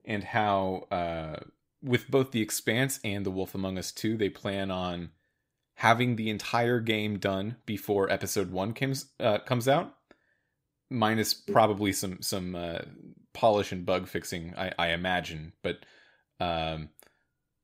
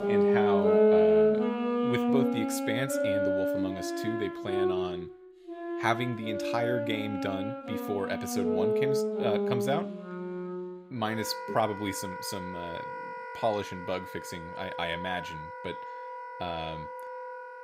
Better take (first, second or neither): first